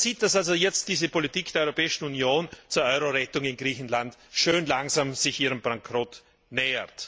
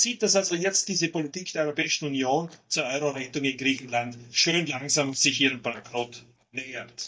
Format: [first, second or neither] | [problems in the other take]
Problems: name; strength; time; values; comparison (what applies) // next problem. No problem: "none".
first | noise reduction (neural mask model DeepFilterNet 3)